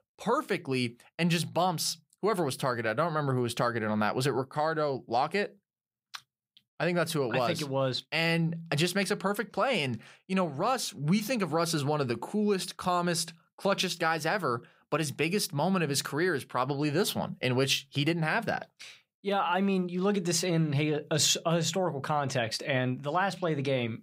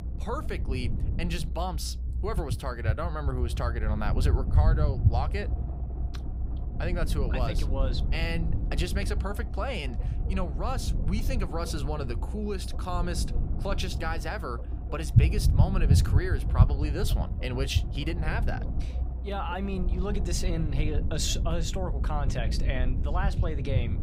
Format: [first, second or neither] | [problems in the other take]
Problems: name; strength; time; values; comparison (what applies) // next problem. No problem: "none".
first | low rumble; loud; throughout; 9 dB below the speech